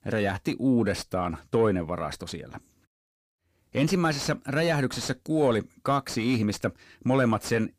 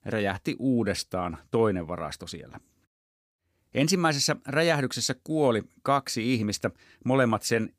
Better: second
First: distortion; slight; 10 dB below the speech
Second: none

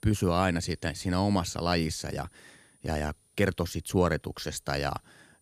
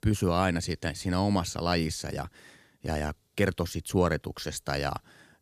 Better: second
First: high-pitched whine; faint; throughout; 9.5 kHz, 35 dB below the speech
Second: none

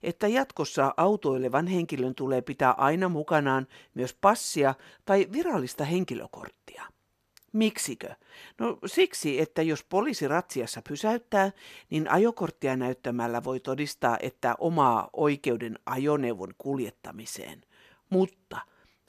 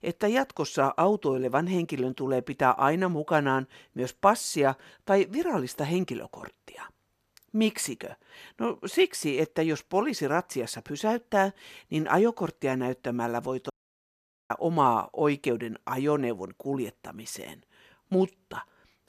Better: first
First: none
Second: audio cutting out; at 14 s for 1 s

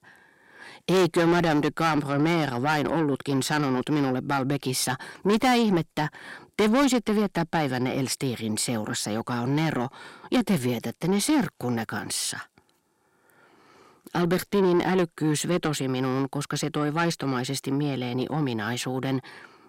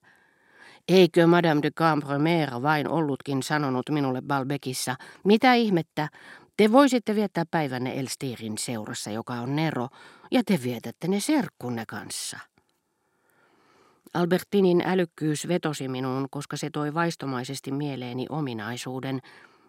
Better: second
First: distortion; heavy; 7 dB below the speech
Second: none

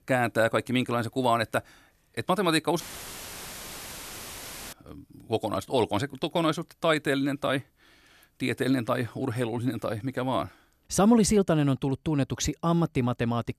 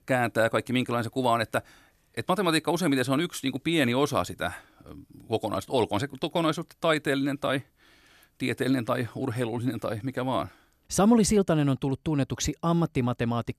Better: second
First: audio cutting out; filled with static; at 3 s for 2 s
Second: none

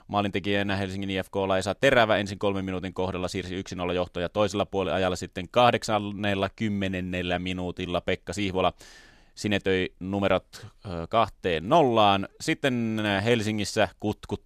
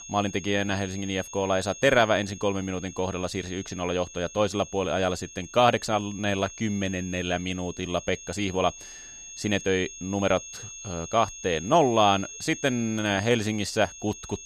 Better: first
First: none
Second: high-pitched whine; noticeable; throughout; 6.5 kHz, 15 dB below the speech

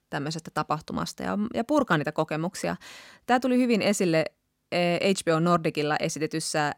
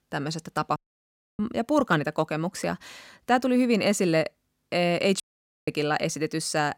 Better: first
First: none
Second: audio cutting out; at 1 s for 0.5 s and at 5 s

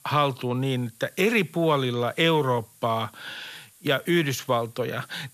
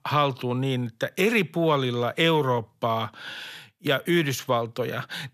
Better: second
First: hiss; faint; throughout; 25 dB below the speech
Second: none

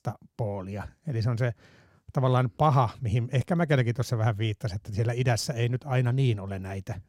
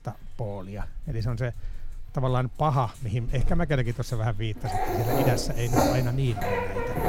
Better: first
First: none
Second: animal sounds; loud; throughout; as loud as the speech

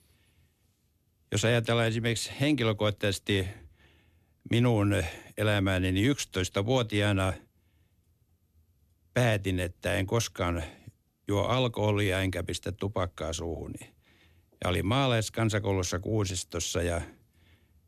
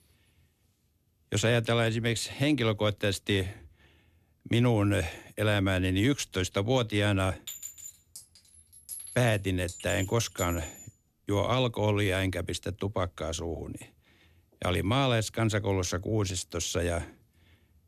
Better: first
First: none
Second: clattering dishes; faint; from 7.5 to 11 s; peak 10 dB below the speech

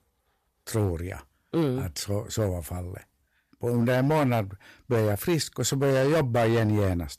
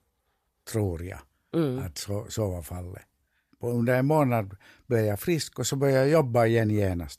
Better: second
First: distortion; slight; 9% of the sound clipped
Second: none

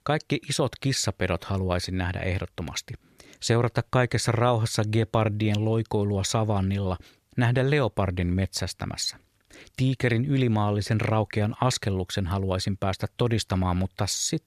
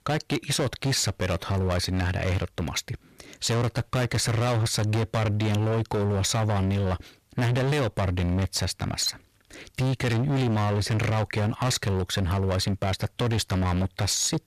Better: first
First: none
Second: distortion; heavy; 26% of the sound clipped

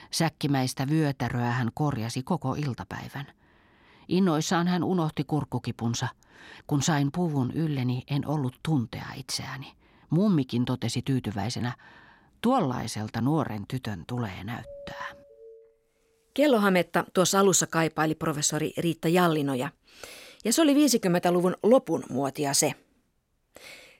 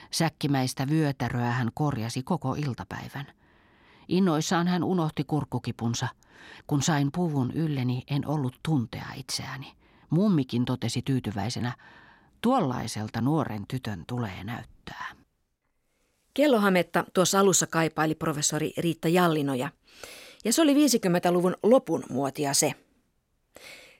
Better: second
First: doorbell; faint; from 15 to 16 s; peak 15 dB below the speech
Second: none

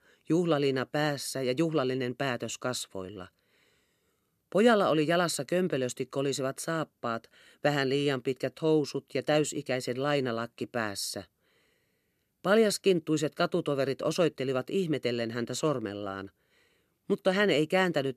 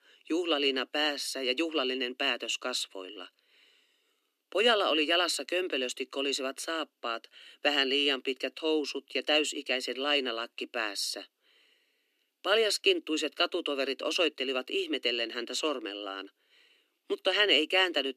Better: first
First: none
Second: thin; very slightly; fading below 250 Hz

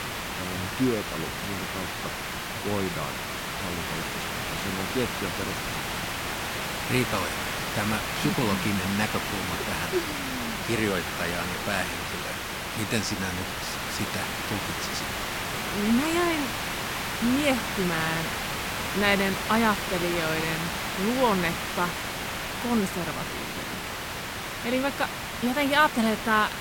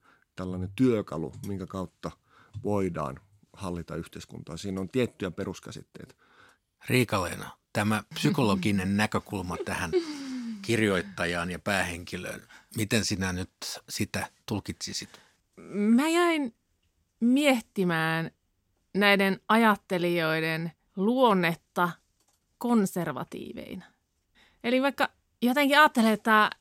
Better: second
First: hiss; loud; throughout; 2 dB below the speech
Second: none

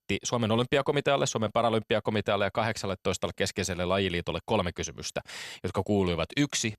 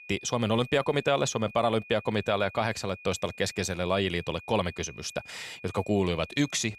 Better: first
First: none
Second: high-pitched whine; noticeable; throughout; 2.5 kHz, 20 dB below the speech

